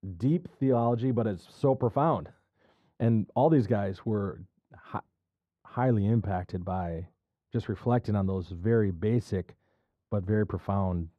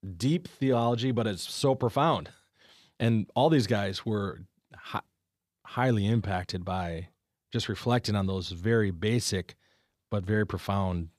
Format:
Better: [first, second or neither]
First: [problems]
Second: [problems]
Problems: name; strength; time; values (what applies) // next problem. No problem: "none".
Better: second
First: muffled; very; fading above 2 kHz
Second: none